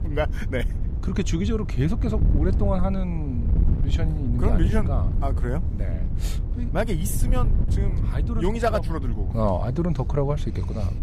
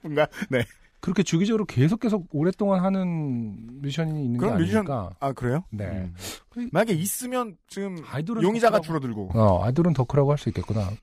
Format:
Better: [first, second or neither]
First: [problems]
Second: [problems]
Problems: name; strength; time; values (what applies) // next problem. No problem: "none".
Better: second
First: wind noise on the microphone; occasional gusts; 10 dB below the speech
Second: none